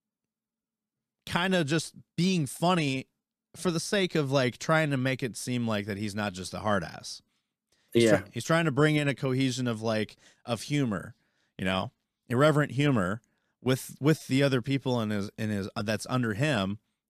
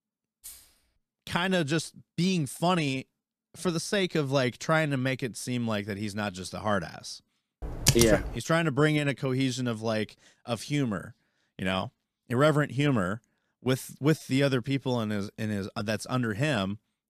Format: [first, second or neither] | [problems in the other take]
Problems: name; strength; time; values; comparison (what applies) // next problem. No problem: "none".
first | jangling keys; faint; at 0.5 s; peak 15 dB below the speech // keyboard typing; loud; at 7.5 s; peak 4 dB above the speech